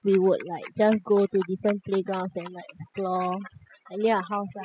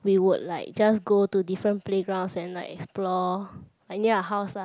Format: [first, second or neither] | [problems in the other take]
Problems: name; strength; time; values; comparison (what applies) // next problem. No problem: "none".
second | noise reduction (classical method spectral subtraction)